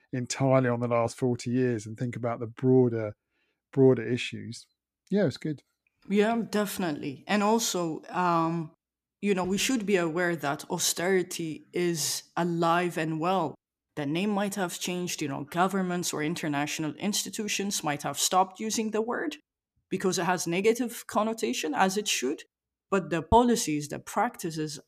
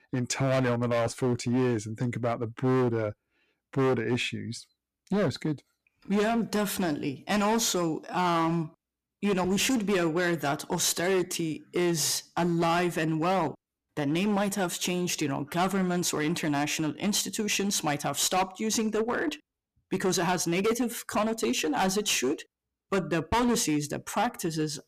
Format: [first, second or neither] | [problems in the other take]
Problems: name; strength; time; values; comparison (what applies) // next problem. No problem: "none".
first | distortion; heavy; 12% of the sound clipped